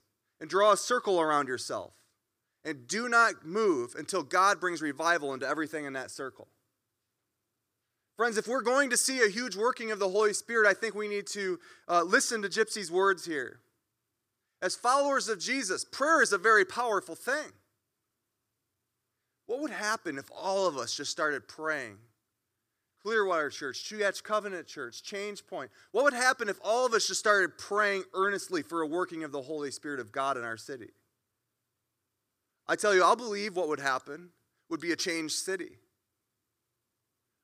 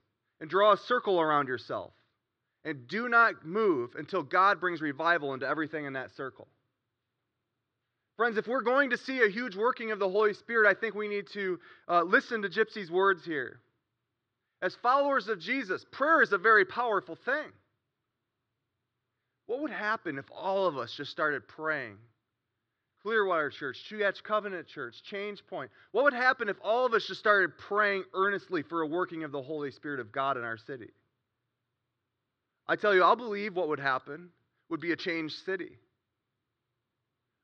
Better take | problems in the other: first | muffled; slightly; fading above 4 kHz

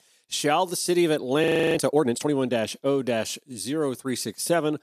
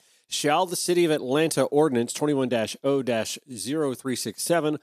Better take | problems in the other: second | audio freezing; at 1.5 s

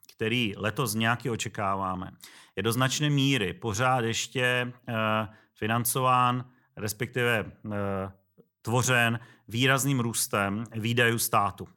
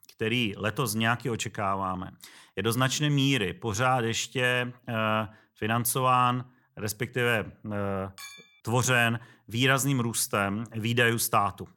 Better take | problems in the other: first | clattering dishes; faint; at 8 s; peak 15 dB below the speech

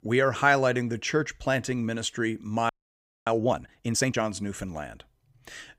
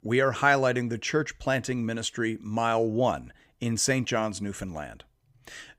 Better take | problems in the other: second | audio freezing; at 2.5 s for 0.5 s

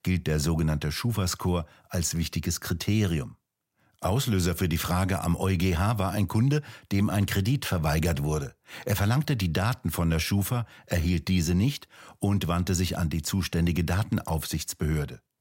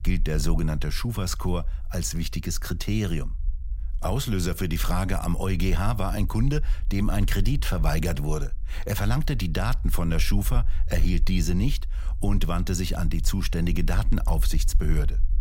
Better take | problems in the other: first | low rumble; faint; throughout; 25 dB below the speech

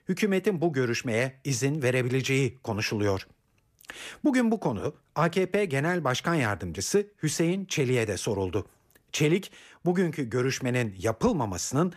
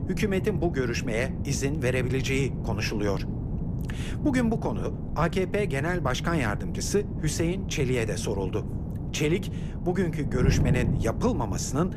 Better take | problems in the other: first | wind noise on the microphone; occasional gusts; 10 dB below the speech

